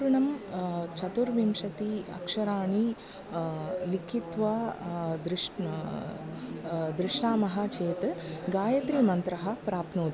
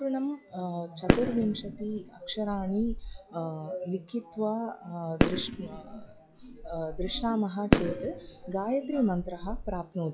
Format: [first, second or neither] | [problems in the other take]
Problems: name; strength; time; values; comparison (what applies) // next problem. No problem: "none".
first | noise reduction (classical method log-MMSE)